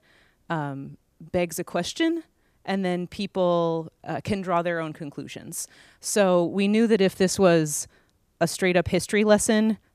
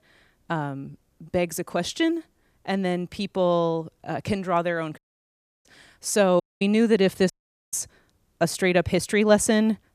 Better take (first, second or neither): first